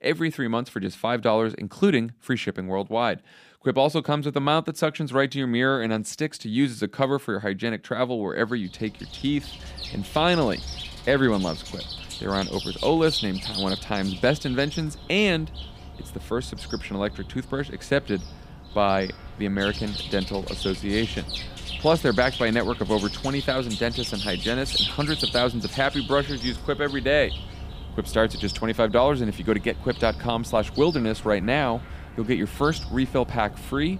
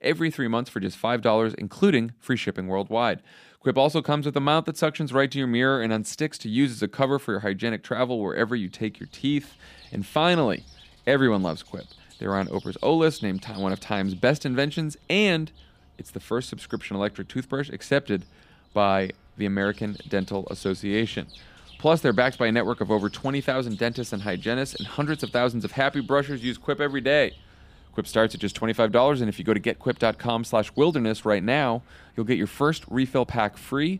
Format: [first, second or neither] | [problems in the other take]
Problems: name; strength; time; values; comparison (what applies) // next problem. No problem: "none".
second | animal sounds; loud; from 9 s on; 8 dB below the speech; faint in the second